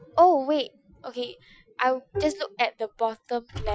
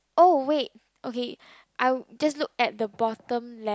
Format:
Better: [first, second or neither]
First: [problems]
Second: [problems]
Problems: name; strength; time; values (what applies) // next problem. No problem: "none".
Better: second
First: noise reduction (classical method Wiener filter)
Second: none